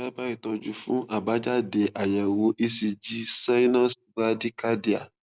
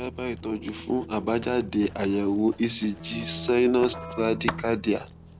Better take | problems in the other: first | background sound (Writing + Keyboard (musical)); 12 dB below the speech

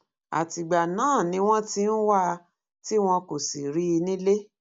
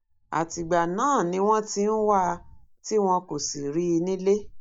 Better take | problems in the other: first | noise reduction (neural mask model DeepFilterNet 3)

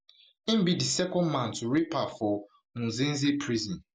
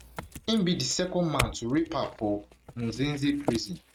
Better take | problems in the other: first | noise reduction (neural mask model RNNoise)

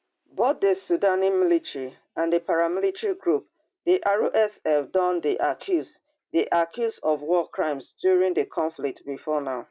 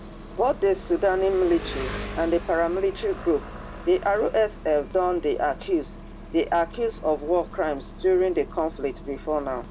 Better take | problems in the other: first | background sound (Engine + Engine starting); 13 dB below the speech

